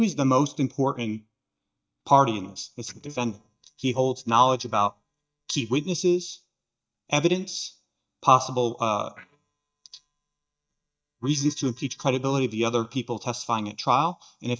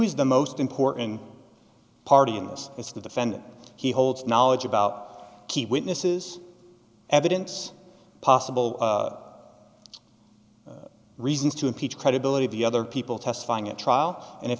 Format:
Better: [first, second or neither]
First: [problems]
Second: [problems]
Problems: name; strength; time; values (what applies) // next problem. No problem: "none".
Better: second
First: noise reduction (neural mask model DeepFilterNet 3)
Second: none